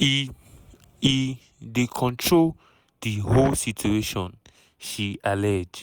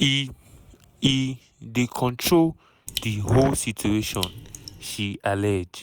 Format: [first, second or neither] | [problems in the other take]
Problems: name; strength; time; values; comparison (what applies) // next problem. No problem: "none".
first | background sound (Raindrop); 13 dB below the speech